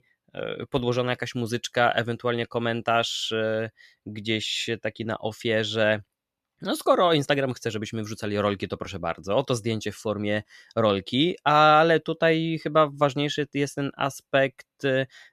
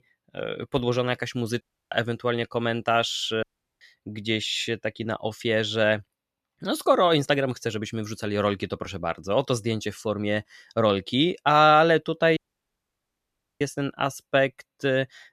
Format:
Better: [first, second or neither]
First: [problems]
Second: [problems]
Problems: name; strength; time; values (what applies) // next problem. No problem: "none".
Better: first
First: none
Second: audio cutting out; at 1.5 s, at 3.5 s and at 12 s for 1 s